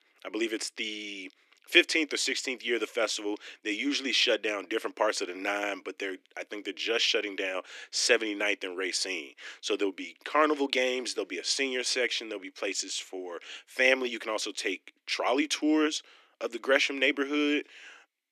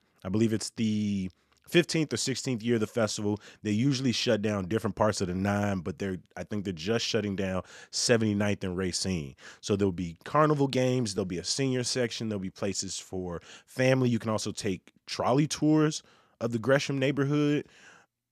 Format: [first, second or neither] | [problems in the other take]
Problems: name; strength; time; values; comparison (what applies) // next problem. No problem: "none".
second | thin; somewhat; fading below 300 Hz